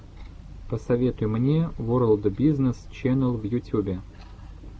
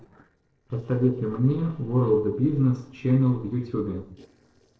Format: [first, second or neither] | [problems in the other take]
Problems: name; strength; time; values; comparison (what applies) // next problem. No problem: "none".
first | noise reduction (neural separator model SepFormer DNS4)